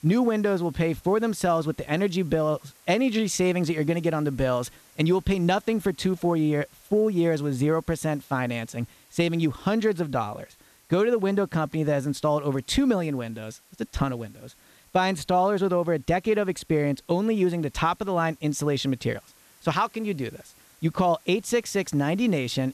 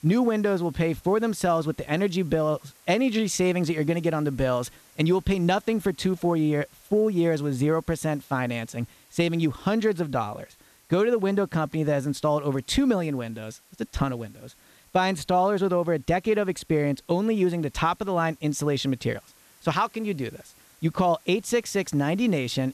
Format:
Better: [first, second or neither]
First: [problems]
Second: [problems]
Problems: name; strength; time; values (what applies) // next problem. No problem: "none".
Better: neither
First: hiss; faint; throughout; 30 dB below the speech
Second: hiss; faint; throughout; 30 dB below the speech